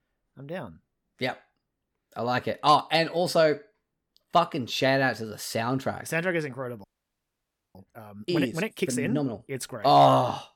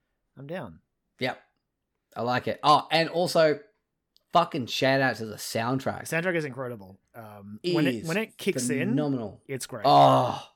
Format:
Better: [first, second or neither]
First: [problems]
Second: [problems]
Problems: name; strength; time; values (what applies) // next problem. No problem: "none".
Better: second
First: audio freezing; at 7 s for 1 s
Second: none